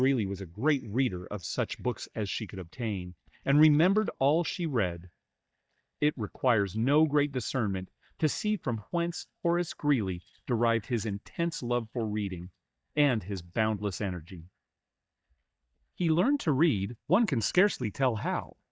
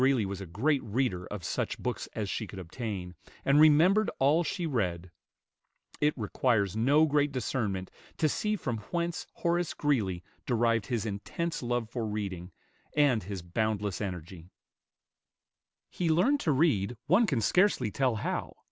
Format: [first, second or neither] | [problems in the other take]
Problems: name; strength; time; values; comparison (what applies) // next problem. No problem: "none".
second | noise reduction (neural mask model DeepFilterNet 3)